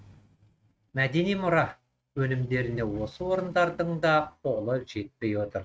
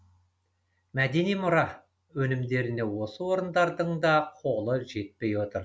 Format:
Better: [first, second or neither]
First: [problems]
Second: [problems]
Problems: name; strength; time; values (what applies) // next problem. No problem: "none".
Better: second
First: noise reduction (neural mask model RNNoise)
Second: none